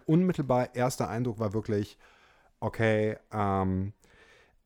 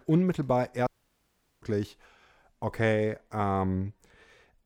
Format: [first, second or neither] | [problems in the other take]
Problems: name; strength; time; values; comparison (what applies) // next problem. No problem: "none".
first | audio cutting out; at 1 s for 1 s